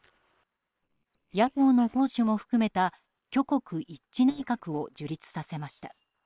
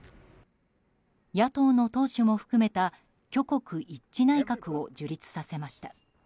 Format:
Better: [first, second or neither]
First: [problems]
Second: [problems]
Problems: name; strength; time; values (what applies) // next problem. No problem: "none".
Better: second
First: noise reduction (neural separator model SepFormer WHAM!)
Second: none